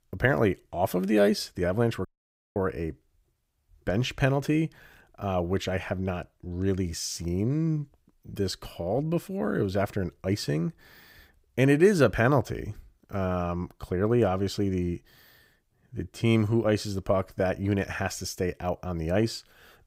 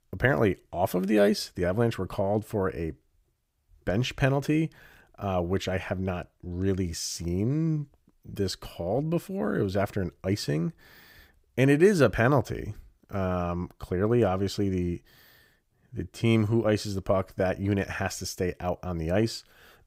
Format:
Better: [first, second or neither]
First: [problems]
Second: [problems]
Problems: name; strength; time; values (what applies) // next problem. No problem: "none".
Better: second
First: audio cutting out; at 2 s for 0.5 s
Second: none